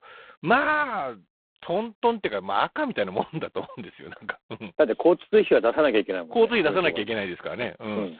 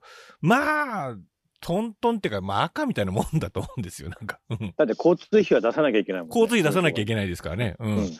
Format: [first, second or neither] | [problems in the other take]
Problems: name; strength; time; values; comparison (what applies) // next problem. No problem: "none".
second | phone-call audio; poor line; nothing above 3.5 kHz